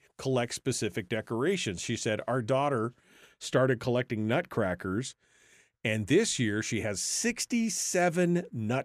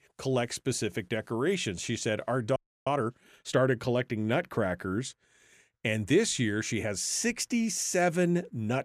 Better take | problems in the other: first | audio freezing; at 2.5 s

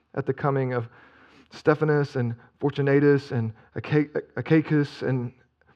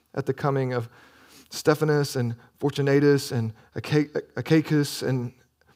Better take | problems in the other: second | muffled; slightly; fading above 2.5 kHz

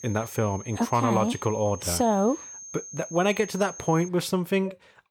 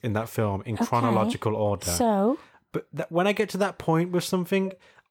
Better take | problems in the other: second | high-pitched whine; noticeable; until 4 s; 6.5 kHz, 15 dB below the speech

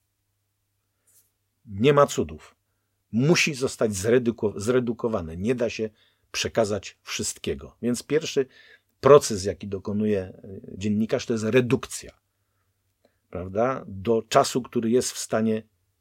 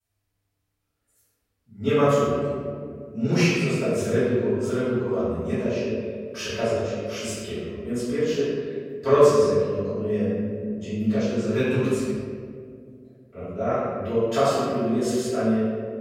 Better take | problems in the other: first | off-mic speech; far // room echo; strong; dies away in 2.1 s

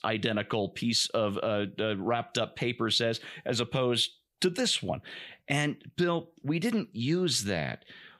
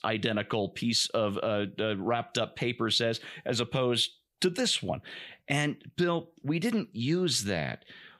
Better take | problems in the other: neither | none

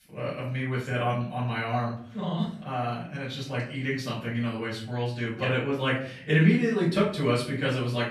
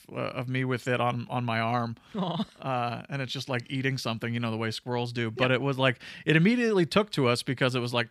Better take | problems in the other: second | off-mic speech; far // room echo; noticeable; dies away in 0.5 s

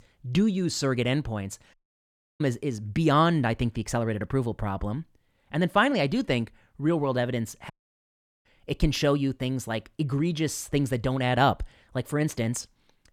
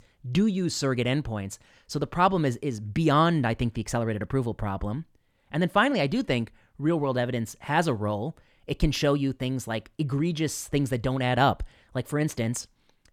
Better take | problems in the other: second | audio cutting out; at 1.5 s for 0.5 s and at 7.5 s for 0.5 s

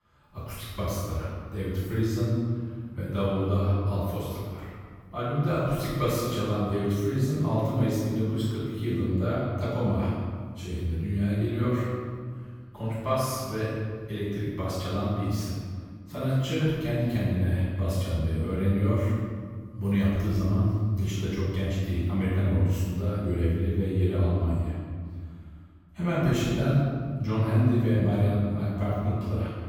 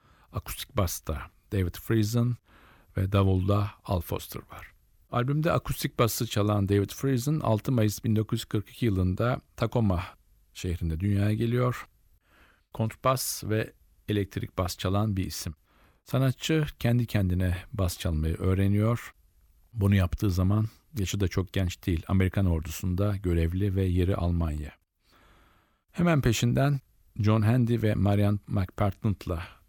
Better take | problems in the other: second | off-mic speech; far // room echo; strong; dies away in 1.8 s

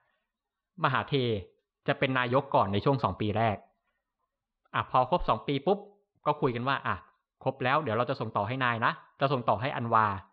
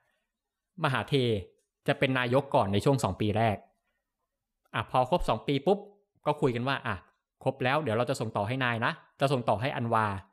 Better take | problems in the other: second | muffled; very slightly; fading above 4 kHz

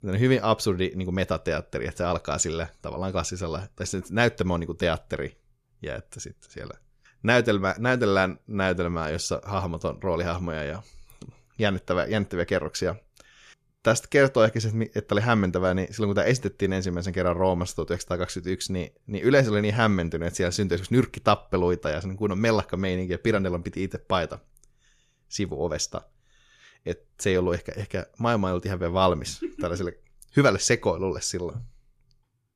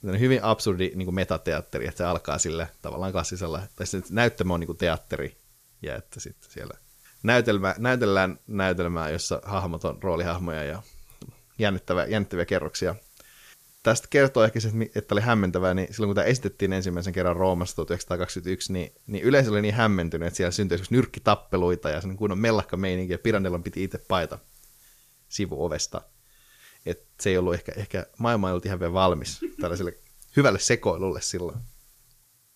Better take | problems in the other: first | hiss; faint; throughout; 30 dB below the speech

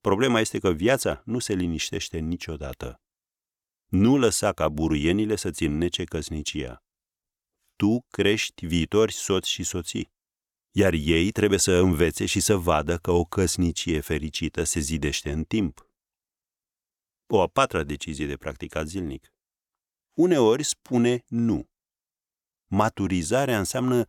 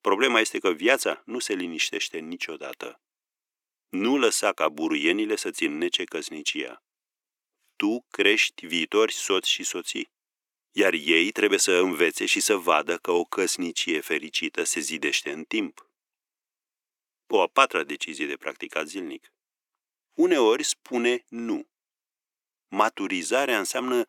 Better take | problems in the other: first | thin; somewhat; fading below 300 Hz

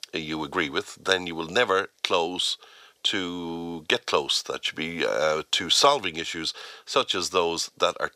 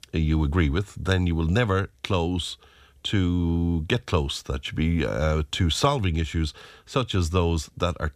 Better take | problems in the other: second | thin; very; fading below 550 Hz

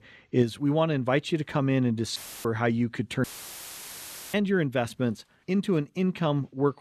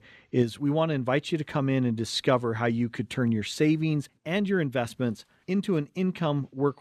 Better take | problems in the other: second | audio cutting out; filled with static; at 2 s and at 3 s for 1 s

